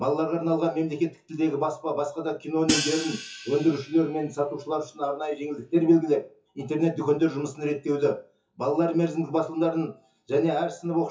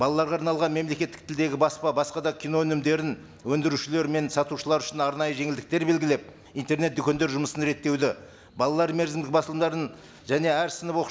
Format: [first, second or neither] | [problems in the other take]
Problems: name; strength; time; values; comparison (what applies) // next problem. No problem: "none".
second | noise reduction (classical method WPE with log-MMSE)